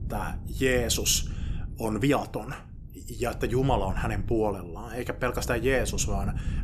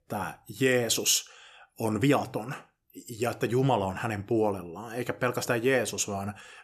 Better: second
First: wind noise on the microphone; occasional gusts; 20 dB below the speech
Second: none

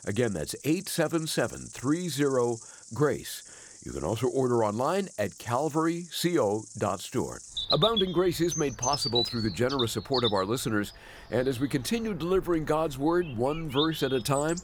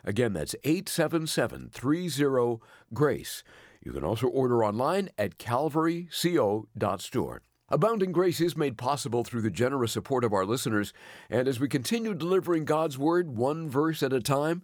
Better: second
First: animal sounds; loud; throughout; 6 dB below the speech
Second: none

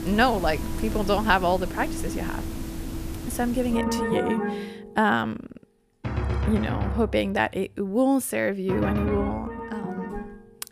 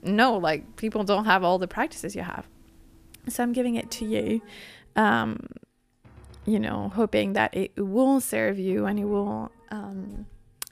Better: second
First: background music; loud; throughout; 5 dB below the speech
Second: background music; faint; throughout; 30 dB below the speech

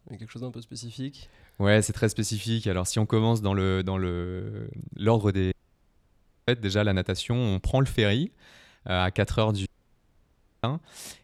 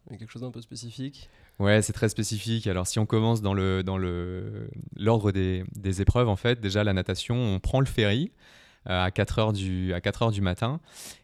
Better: second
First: audio cutting out; at 5.5 s for 1 s and at 9.5 s for 1 s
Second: none

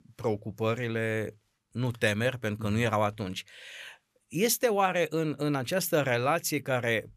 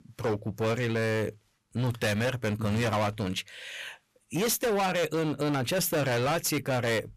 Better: first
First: none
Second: distortion; heavy; 21% of the sound clipped

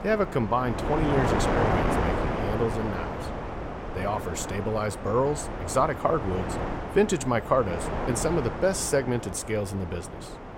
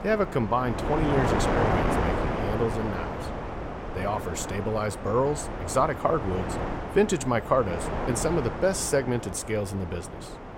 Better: neither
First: wind noise on the microphone; heavy; 4 dB below the speech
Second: wind noise on the microphone; heavy; 4 dB below the speech

